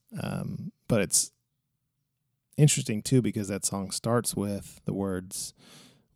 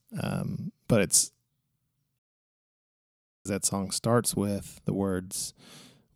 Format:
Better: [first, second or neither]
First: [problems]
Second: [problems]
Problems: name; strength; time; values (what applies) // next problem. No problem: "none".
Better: first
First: none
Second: audio cutting out; at 2 s for 1.5 s